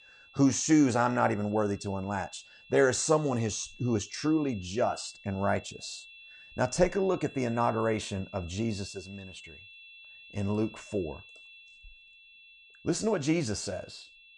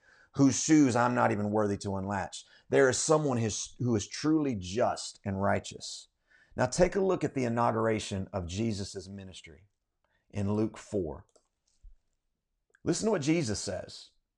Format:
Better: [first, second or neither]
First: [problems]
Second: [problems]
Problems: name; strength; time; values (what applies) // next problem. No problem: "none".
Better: second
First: high-pitched whine; faint; throughout; 2.5 kHz, 20 dB below the speech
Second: none